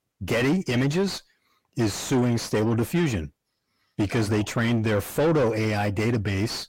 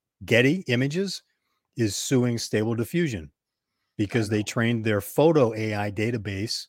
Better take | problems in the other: second | distortion; heavy; 6 dB below the speech

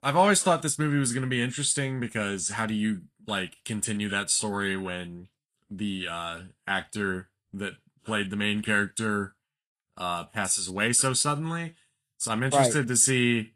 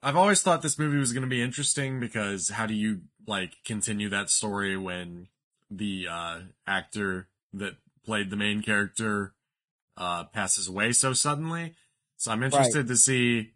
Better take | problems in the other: first | garbled, watery; badly; nothing above 10 kHz; slightly in the first

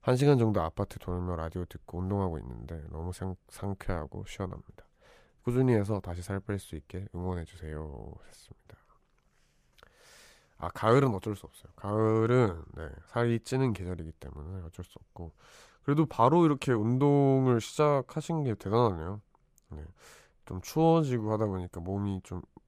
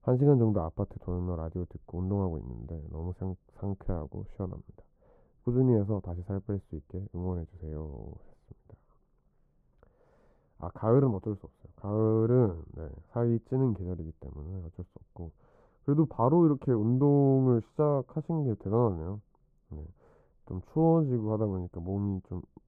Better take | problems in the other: first | muffled; very; fading above 1 kHz

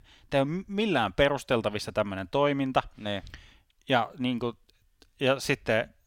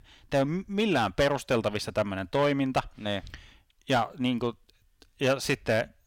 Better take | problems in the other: first | distortion; slight; 3% of the sound clipped

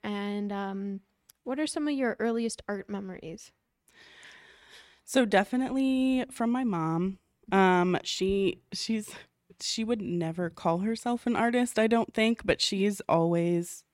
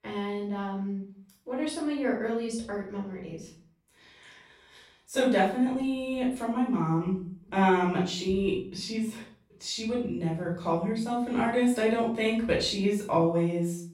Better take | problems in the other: first | off-mic speech; far // room echo; noticeable; dies away in 0.4 s

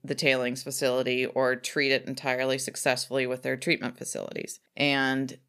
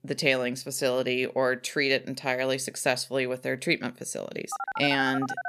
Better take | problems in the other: first | phone ringing; noticeable; at 4.5 s; peak 6 dB below the speech

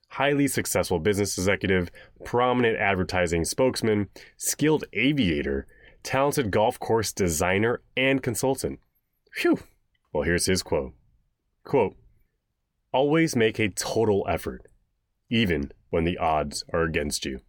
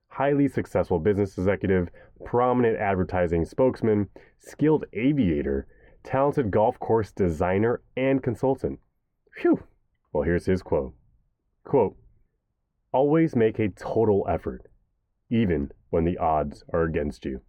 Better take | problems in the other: first | muffled; very; fading above 2.5 kHz

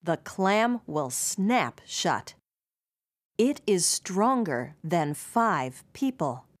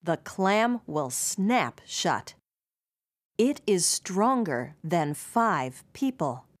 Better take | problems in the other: neither | none

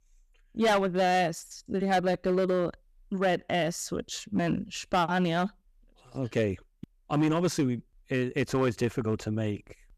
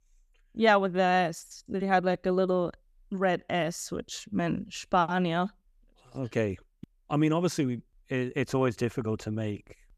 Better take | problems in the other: second | distortion; slight; 5% of the sound clipped

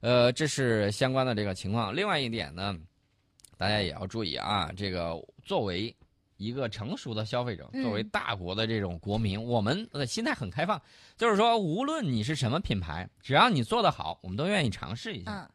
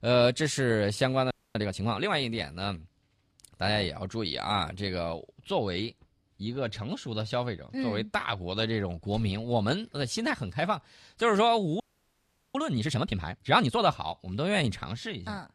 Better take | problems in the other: first | audio freezing; at 1.5 s and at 12 s for 0.5 s

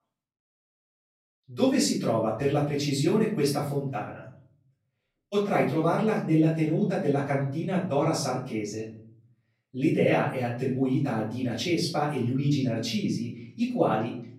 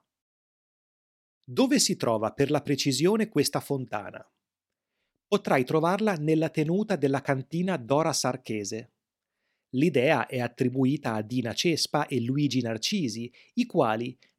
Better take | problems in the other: second | off-mic speech; far // room echo; noticeable; dies away in 0.7 s

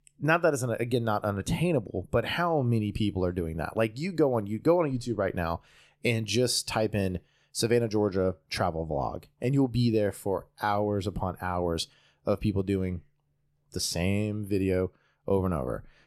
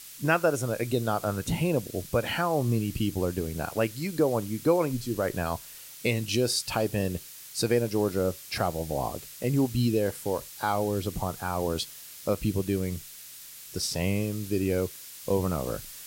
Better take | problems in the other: first | hiss; noticeable; throughout; 15 dB below the speech

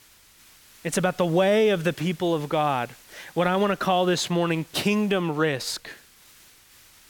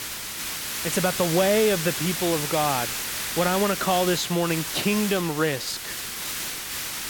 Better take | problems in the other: first | hiss; loud; throughout; 4 dB below the speech; faint in the first

